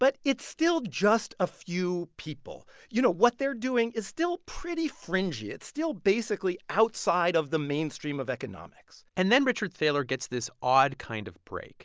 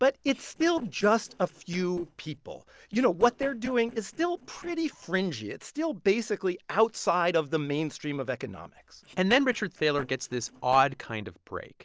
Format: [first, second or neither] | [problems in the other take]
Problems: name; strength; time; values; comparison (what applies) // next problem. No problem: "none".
first | noise reduction (neural separator model SepFormer DNS4)